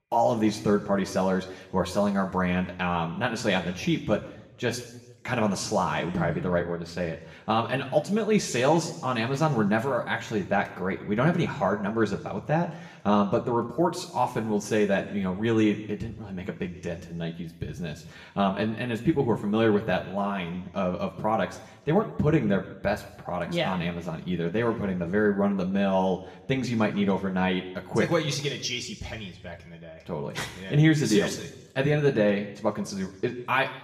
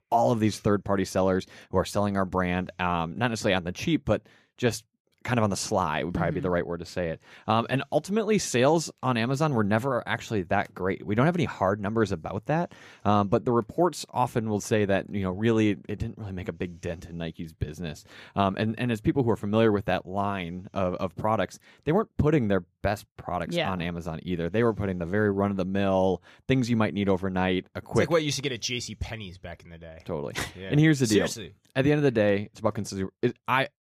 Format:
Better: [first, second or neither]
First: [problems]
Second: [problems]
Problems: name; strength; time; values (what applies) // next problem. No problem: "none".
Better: second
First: room echo; slight; dies away in 0.9 s // off-mic speech; somewhat distant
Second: none